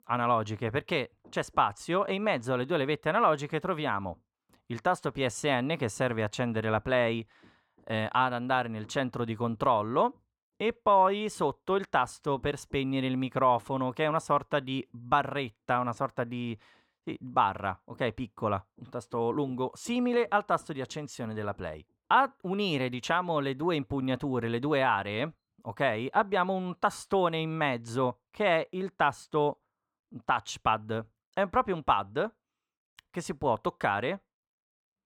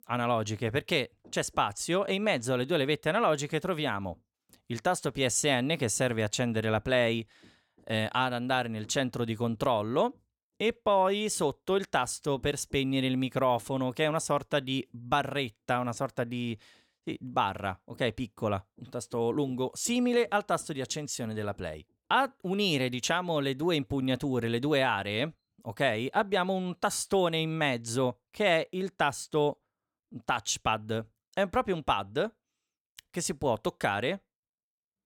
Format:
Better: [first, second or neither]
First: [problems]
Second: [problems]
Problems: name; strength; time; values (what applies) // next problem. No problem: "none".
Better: second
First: muffled; slightly; fading above 4 kHz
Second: none